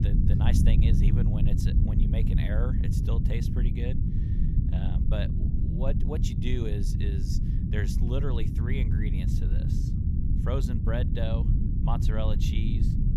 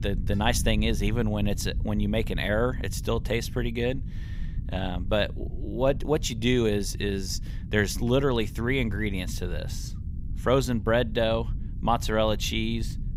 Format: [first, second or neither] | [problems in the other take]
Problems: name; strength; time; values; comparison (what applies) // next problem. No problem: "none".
second | low rumble; loud; throughout; 1 dB below the speech; faint in the second